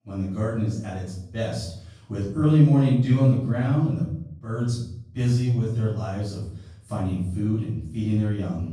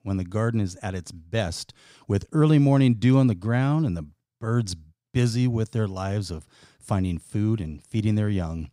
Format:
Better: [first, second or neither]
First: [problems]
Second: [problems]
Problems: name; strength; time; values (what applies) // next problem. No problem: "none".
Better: second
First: off-mic speech; far // room echo; noticeable; dies away in 0.7 s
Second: none